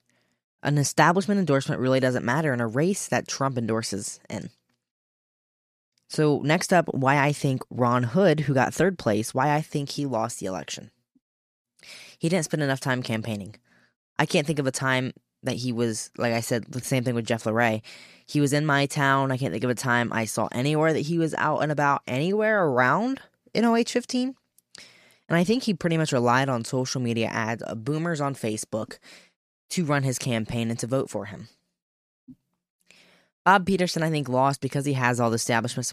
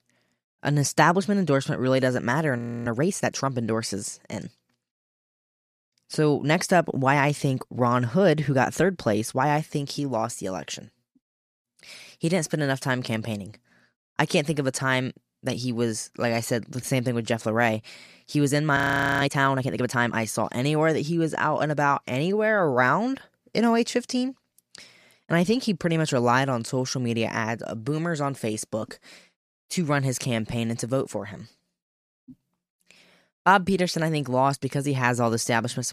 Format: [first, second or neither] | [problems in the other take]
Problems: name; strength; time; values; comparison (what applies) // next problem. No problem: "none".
first | audio freezing; at 2.5 s and at 19 s